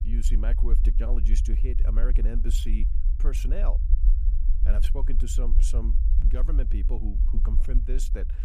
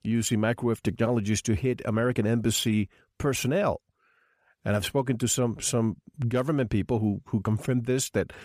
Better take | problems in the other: second | low rumble; loud; throughout; 8 dB below the speech

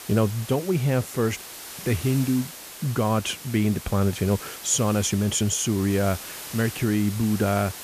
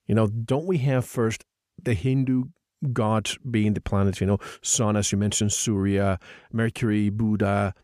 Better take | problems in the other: second | hiss; noticeable; throughout; 10 dB below the speech

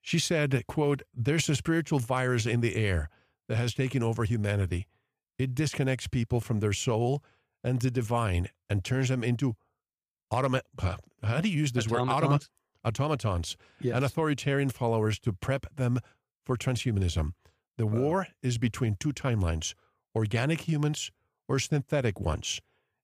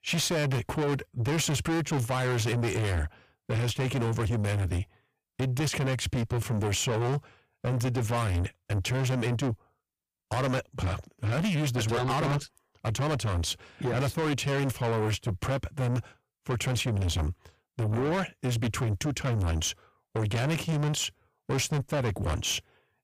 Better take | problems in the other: first | distortion; heavy; 6 dB below the speech

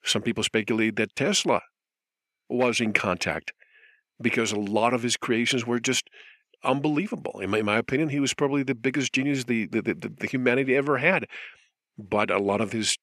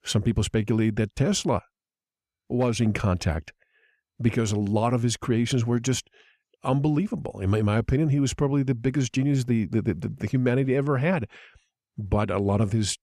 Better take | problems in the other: second | thin; somewhat; fading below 250 Hz

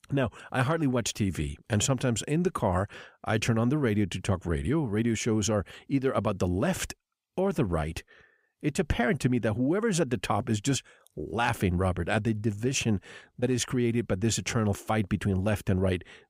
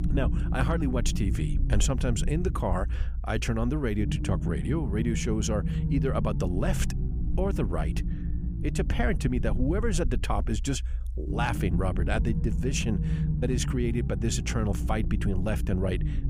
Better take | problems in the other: first | low rumble; loud; throughout; 10 dB below the speech

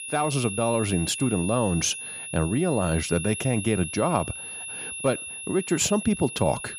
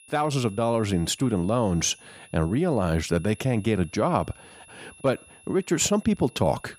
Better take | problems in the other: second | high-pitched whine; loud; throughout; 2.5 kHz, 7 dB below the speech; faint in the second

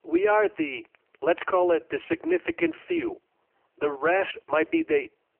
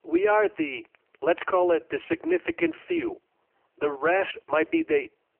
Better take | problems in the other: neither | phone-call audio; poor line; nothing above 3 kHz; the same in both

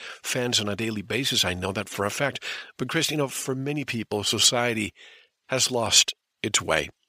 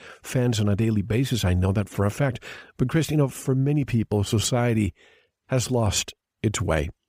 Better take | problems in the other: second | thin; somewhat; fading below 600 Hz

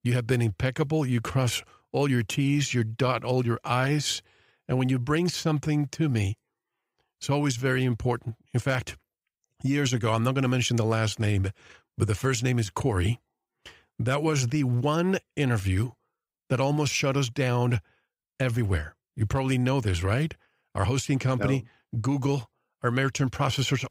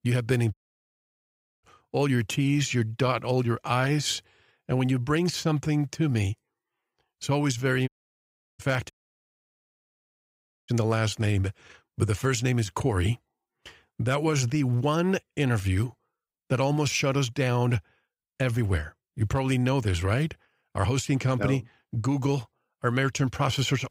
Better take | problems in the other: first | audio cutting out; at 0.5 s for 1 s, at 8 s for 0.5 s and at 9 s for 2 s

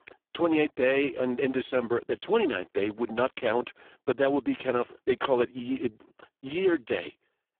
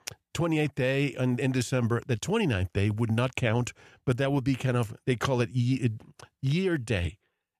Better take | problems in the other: second | phone-call audio; poor line

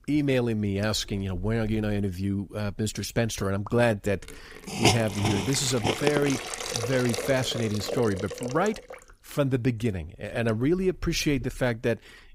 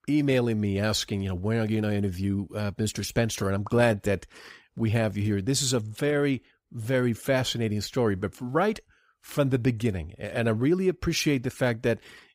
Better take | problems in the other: second | hiss; loud; throughout; 3 dB below the speech

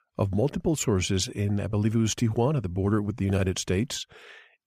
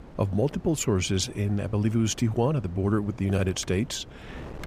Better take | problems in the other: first | wind noise on the microphone; occasional gusts; 20 dB below the speech

